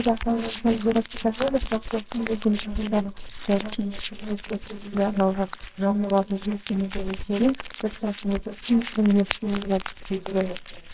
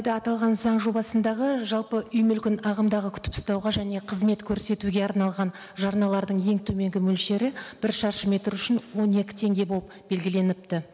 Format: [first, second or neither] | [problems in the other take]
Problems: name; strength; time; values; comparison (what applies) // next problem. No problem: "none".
second | noise reduction (neural separator model SepFormer WHAMR!)